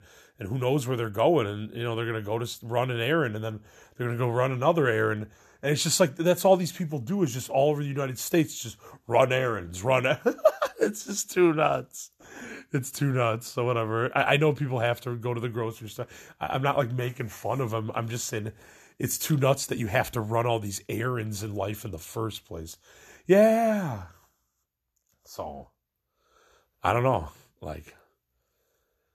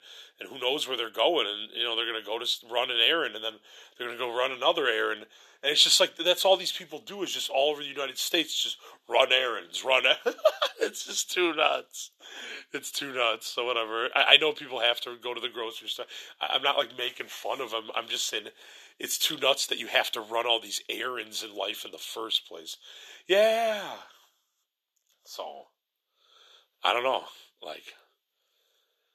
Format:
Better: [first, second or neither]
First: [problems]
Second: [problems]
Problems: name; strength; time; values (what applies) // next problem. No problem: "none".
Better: first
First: none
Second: thin; very; fading below 400 Hz